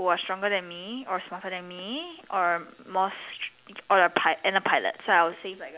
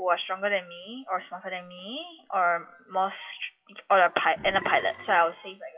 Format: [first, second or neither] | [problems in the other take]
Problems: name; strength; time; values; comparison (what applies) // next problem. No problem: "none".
first | noise reduction (classical method WPE with log-MMSE)